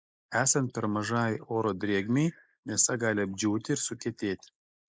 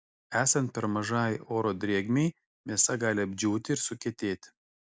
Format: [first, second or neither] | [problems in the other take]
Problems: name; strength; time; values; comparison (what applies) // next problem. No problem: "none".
second | noise reduction (neural mask model Resemble Enhance denoiser)